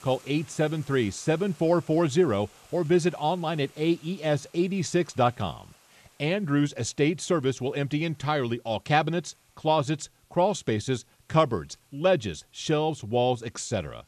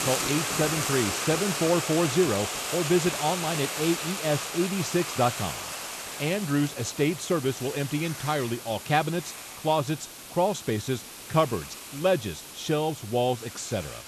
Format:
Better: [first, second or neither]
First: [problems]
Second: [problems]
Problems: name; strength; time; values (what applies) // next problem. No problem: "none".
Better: first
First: hiss; faint; throughout; 30 dB below the speech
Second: hiss; loud; throughout; 5 dB below the speech